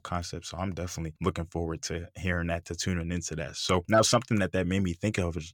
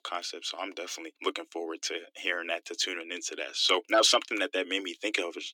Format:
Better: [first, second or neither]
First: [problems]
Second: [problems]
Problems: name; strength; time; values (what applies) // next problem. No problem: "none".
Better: first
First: none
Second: thin; somewhat; fading below 300 Hz